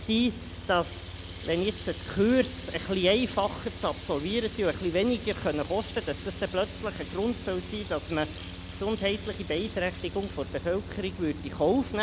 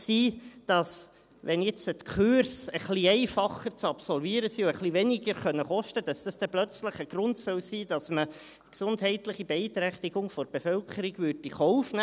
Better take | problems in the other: second | background sound (Rattle (instrument) + Mechanical fan); 11 dB below the speech

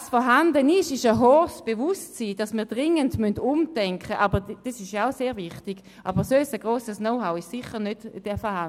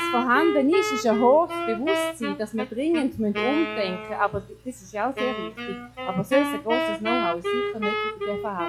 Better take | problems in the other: first | noise reduction (classical method log-MMSE)

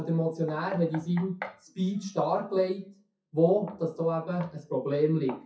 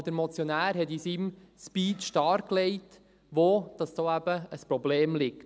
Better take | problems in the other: second | noise reduction (classical method WPE with log-MMSE)

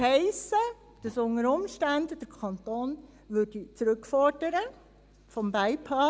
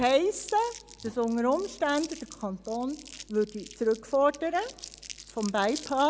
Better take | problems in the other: first | background sound (Crumpling, crinkling); 18 dB below the speech

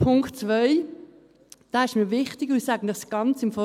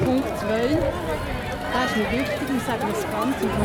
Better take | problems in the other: first | background sound (Crowd); 1 dB above the speech

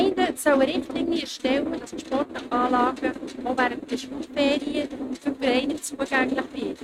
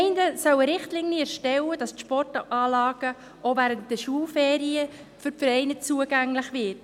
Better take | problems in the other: second | noise reduction (neural mask model RNNoise)

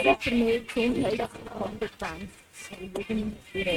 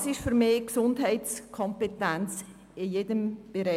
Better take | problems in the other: second | noise reduction (neural mask model RNNoise)

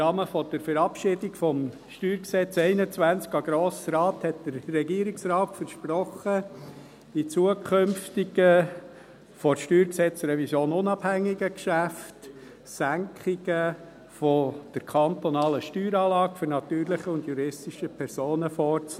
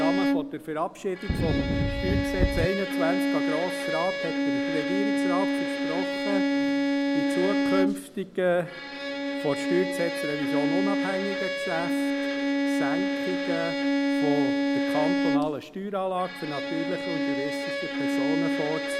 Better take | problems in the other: first | background sound (Bowed string instrument + Wind); 4 dB above the speech

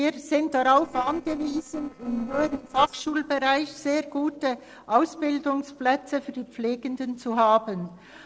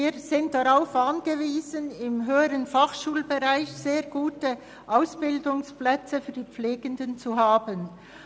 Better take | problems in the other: second | noise reduction (neural separator model SepFormer DNS4)

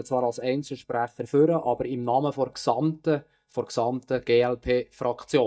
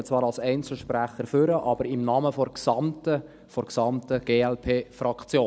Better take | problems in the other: second | noise reduction (neural mask model DeepFilterNet 3)

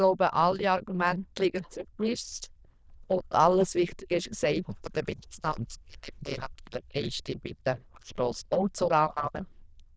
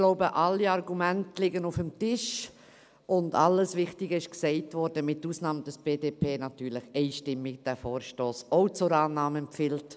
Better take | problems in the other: second | noise reduction (neural diffusion model UNIVERSE++)

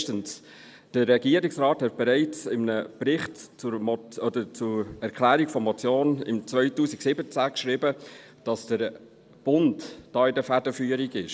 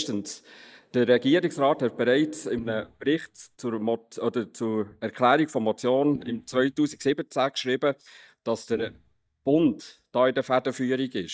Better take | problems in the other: first | noise reduction (neural mask model DeepFilterNet 3)

